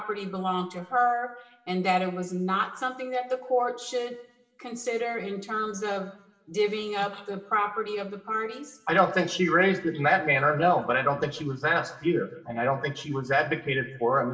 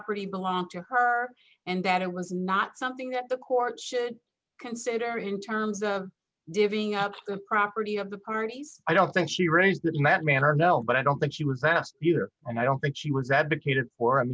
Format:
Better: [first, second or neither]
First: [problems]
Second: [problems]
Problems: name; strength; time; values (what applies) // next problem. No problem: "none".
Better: second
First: room echo; dies away in 0.7 s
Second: none